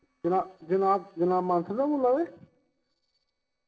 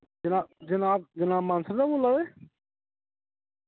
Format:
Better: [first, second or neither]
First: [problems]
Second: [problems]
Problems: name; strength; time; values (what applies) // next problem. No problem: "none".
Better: second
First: noise reduction (neural separator model SepFormer DNS4)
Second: none